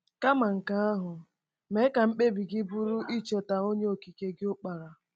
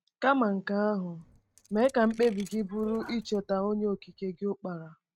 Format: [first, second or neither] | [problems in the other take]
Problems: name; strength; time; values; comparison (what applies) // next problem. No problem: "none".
first | noise reduction (neural mask model RNNoise)